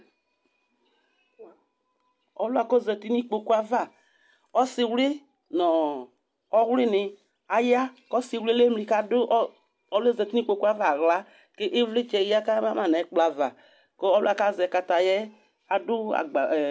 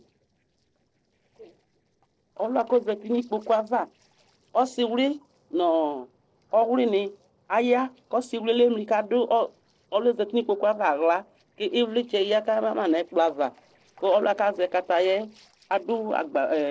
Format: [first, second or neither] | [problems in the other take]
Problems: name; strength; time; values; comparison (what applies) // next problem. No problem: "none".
first | noise reduction (neural separator model SepFormer DNS4)